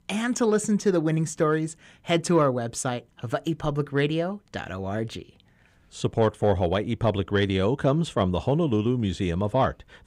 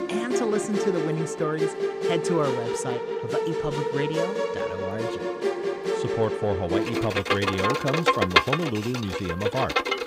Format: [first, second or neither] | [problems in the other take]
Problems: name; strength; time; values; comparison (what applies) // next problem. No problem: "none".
first | background music; very loud; throughout; 3 dB above the speech